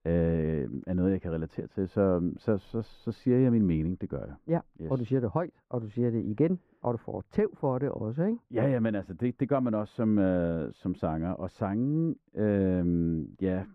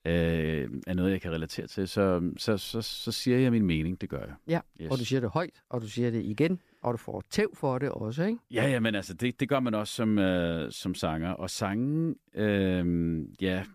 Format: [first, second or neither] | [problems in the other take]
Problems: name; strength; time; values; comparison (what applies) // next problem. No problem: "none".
second | muffled; very; fading above 2.5 kHz